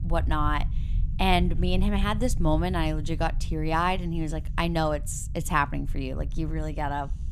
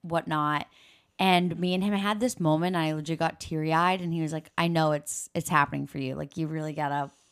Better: second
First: low rumble; faint; throughout; 20 dB below the speech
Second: none

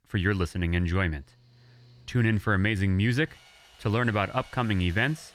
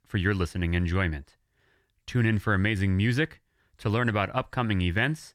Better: second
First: machinery noise; faint; from 1.5 s on; 25 dB below the speech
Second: none

